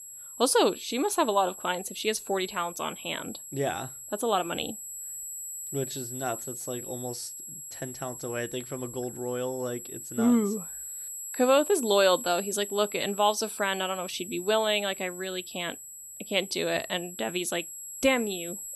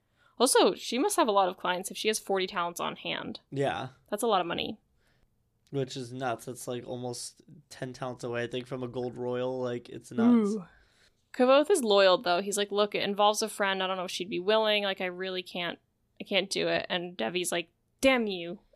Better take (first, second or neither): second